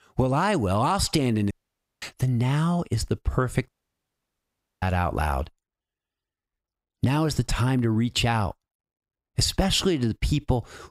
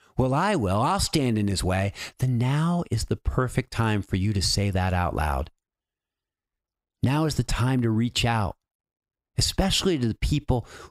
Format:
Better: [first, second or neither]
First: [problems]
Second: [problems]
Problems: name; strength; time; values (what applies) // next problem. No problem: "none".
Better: second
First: audio cutting out; at 1.5 s for 0.5 s and at 3.5 s for 1 s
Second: none